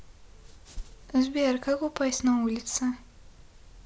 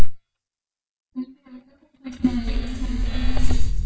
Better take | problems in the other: first | noise reduction (neural mask model DeepFilterNet 3)

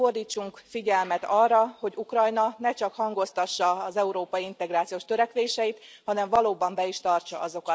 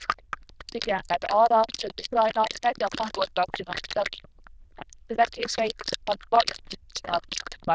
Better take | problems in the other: first | noise reduction (neural diffusion model UNIVERSE++)

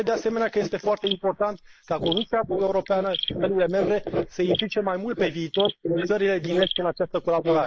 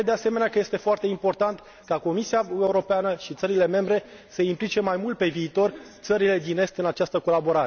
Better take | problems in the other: second | noise reduction (neural mask model Resemble Enhance denoiser)

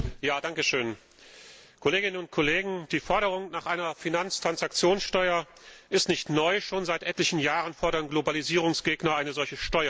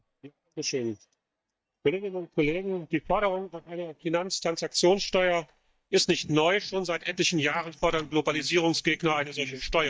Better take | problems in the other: first | noise reduction (neural mask model DeepFilterNet 3)

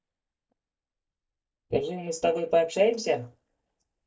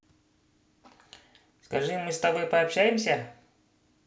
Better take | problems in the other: second | noise reduction (neural mask model DeepFilterNet 3)

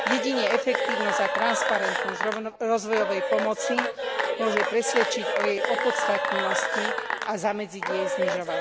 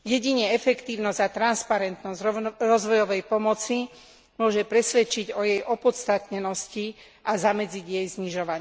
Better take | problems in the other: second | background sound (Applause / Cheering / Clapping); 1 dB above the speech

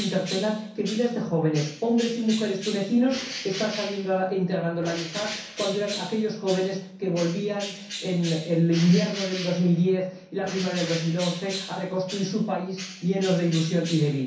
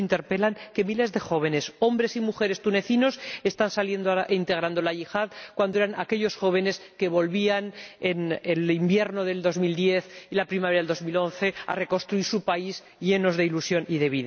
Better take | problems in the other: second | background sound (Bird); 12 dB below the speech // room echo; dies away in 0.6 s

